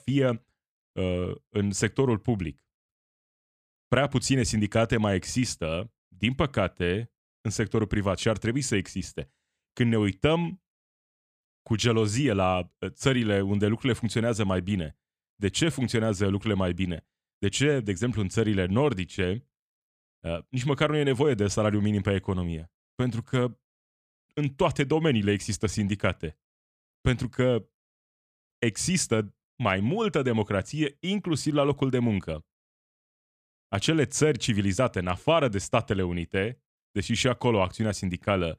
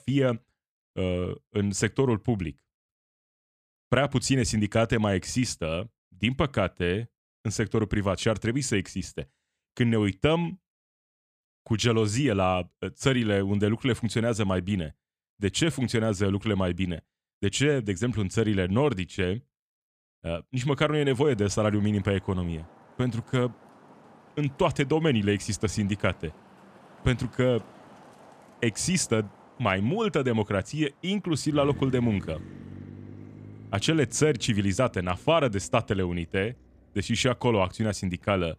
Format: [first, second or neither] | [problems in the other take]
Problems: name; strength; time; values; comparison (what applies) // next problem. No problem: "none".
first | traffic noise; faint; from 21 s on; 20 dB below the speech